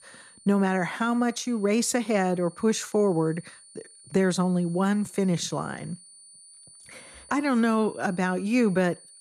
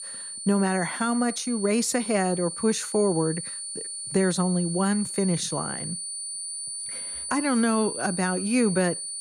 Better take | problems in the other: first | high-pitched whine; loud; throughout; 9.5 kHz, 6 dB below the speech; faint in the first

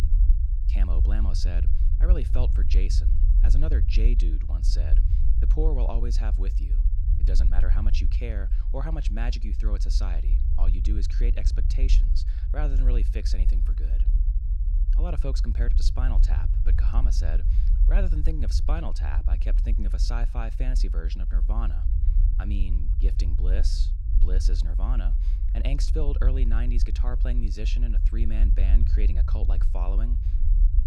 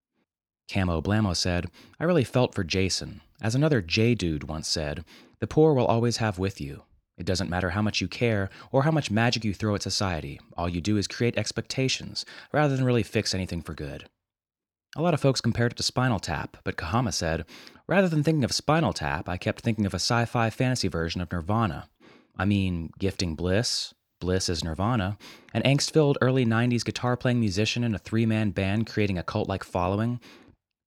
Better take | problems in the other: second | low rumble; loud; throughout; 7 dB below the speech

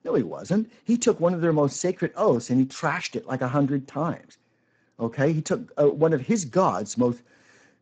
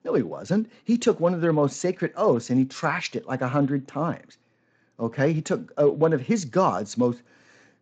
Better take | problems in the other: second | garbled, watery; badly; nothing above 7.5 kHz; slightly in the second

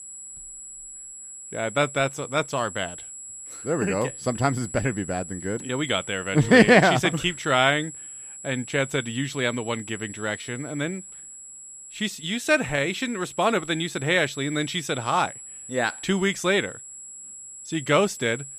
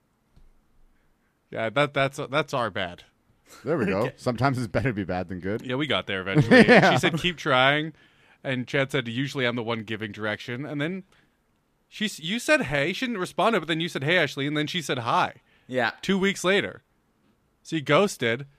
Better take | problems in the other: second | high-pitched whine; noticeable; throughout; 7.5 kHz, 15 dB below the speech

